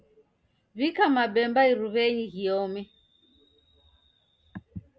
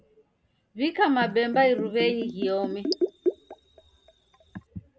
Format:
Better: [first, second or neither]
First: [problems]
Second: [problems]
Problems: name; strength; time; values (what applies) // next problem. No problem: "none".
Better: first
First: none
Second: background sound (Bathtub (filling or washing)); 5 dB below the speech